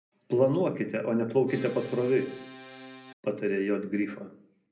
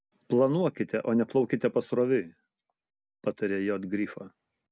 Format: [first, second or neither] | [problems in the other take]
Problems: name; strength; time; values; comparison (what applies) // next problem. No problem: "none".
second | background sound (Accordion); 16 dB below the speech // room echo; dies away in 0.4 s